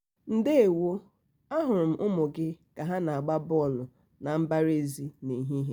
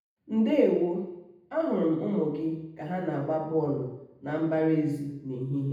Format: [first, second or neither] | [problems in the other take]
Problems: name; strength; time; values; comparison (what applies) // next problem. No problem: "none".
first | room echo; dies away in 0.8 s